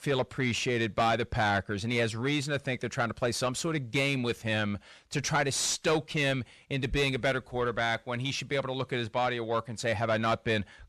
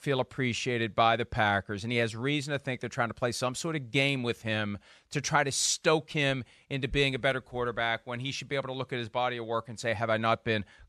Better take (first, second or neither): second